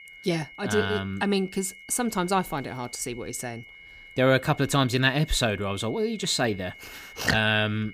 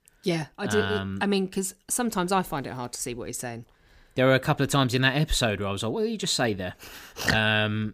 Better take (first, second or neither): second